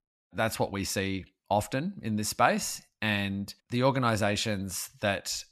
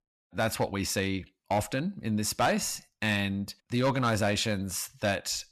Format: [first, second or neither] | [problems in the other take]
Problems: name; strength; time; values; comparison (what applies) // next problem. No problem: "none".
first | distortion; slight; 4% of the sound clipped